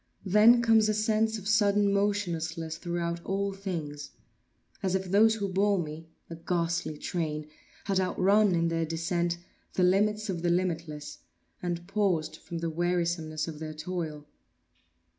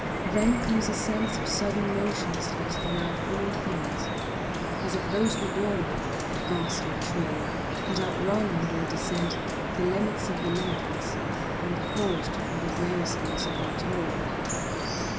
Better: first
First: none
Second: background sound (Drip); 2 dB above the speech

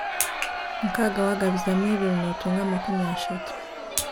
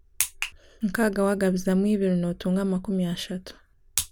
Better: second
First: background sound (Crowd); 5 dB below the speech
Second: none

